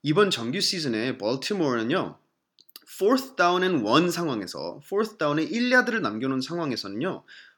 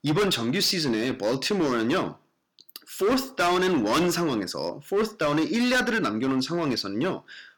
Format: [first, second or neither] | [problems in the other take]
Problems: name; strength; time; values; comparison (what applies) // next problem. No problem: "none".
first | distortion; heavy; 13% of the sound clipped